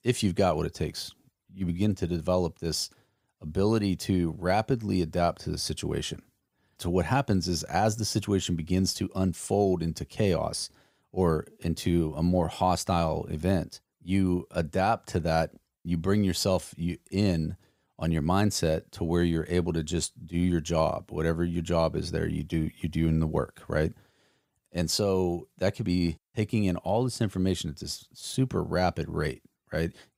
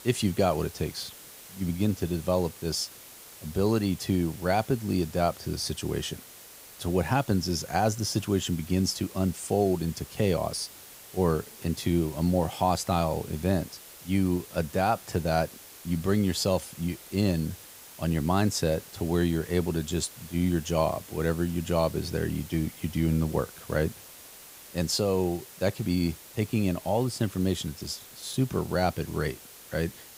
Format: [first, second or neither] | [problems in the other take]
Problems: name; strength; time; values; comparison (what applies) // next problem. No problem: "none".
first | hiss; noticeable; throughout; 15 dB below the speech